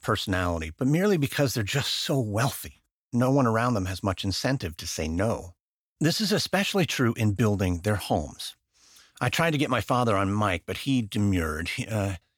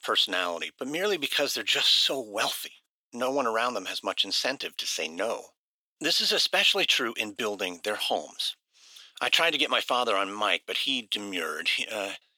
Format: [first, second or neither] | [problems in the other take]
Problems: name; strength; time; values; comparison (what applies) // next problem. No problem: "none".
first | thin; somewhat; fading below 350 Hz